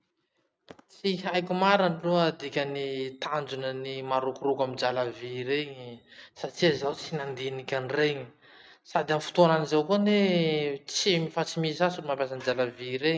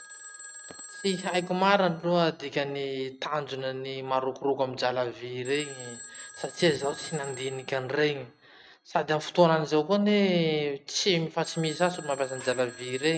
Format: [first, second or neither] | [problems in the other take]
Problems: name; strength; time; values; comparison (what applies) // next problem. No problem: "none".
first | background sound (Telephone); 18 dB below the speech